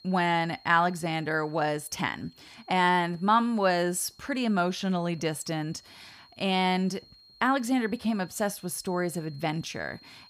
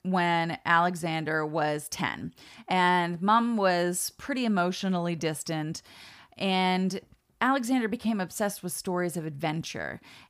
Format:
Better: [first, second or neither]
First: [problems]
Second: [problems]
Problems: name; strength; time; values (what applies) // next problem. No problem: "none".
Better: second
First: high-pitched whine; faint; throughout; 4 kHz, 25 dB below the speech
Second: none